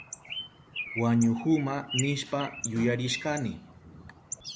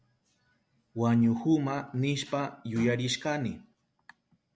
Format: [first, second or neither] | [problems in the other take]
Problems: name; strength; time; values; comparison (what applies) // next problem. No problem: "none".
second | background sound (Bird); 10 dB below the speech